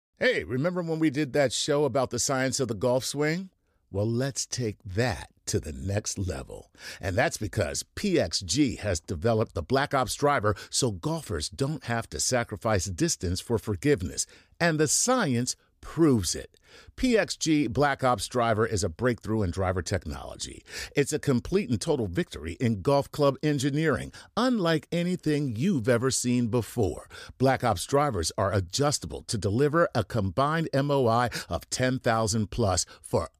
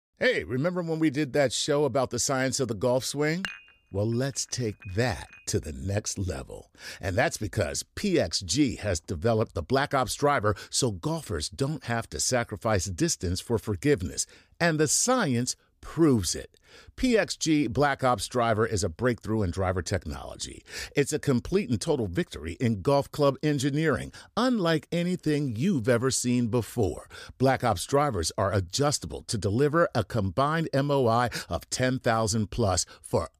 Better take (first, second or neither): first